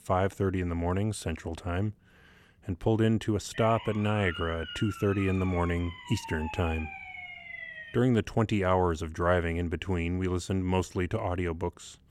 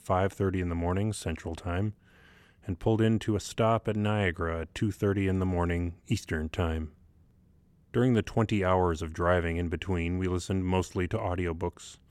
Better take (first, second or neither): second